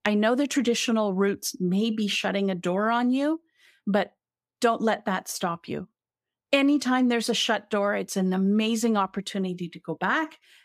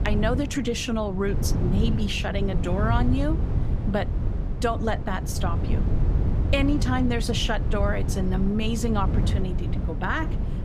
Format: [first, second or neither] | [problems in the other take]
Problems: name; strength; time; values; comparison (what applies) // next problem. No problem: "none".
first | low rumble; loud; throughout; 9 dB below the speech